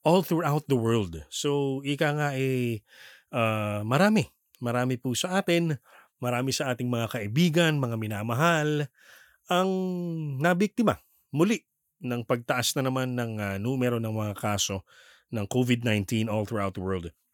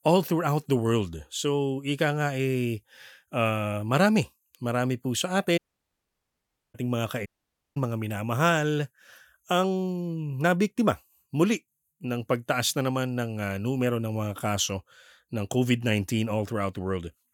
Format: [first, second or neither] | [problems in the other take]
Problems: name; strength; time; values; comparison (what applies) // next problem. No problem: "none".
first | audio cutting out; at 5.5 s for 1 s and at 7.5 s for 0.5 s